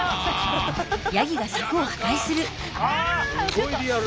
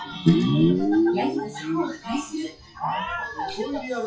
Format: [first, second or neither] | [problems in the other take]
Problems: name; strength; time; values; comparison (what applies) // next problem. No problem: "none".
first | noise reduction (classical method WPE with log-MMSE)